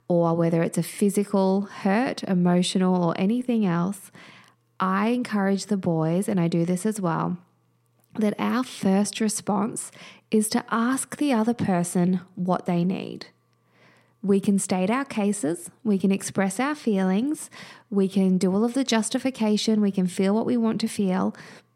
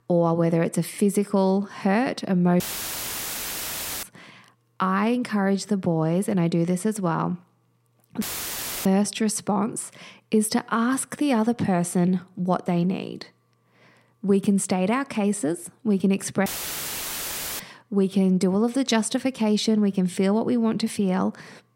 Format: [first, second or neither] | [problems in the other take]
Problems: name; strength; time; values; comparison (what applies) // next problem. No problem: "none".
first | audio cutting out; filled with static; at 2.5 s for 1.5 s, at 8 s for 0.5 s and at 16 s for 1 s